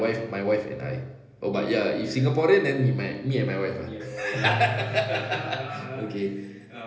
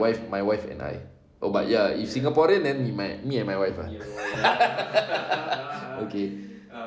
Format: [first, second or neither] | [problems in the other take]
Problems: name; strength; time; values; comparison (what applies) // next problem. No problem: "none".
second | background sound (Keyboard (musical)); 14 dB below the speech // room echo; dies away in 1.4 s